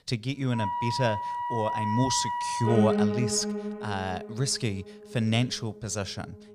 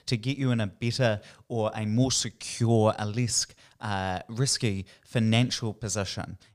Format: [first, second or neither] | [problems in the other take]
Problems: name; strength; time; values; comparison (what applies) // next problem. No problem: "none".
second | background music; loud; throughout; 1 dB below the speech